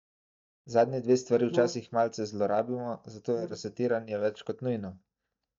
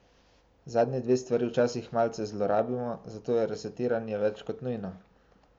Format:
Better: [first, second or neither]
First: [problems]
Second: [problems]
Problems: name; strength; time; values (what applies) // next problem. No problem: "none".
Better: second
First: noise reduction (neural mask model DeepFilterNet 3)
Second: none